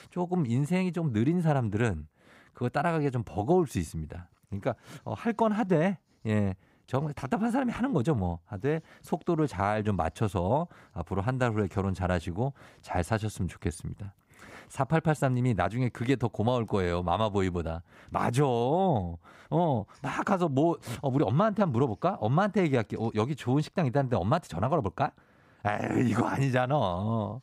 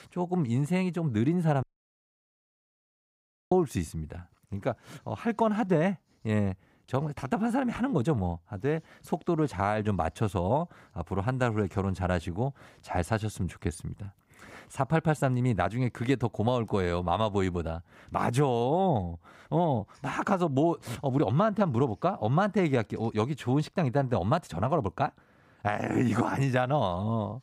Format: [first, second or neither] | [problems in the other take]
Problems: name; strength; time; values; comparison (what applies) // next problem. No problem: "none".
first | audio cutting out; at 1.5 s for 2 s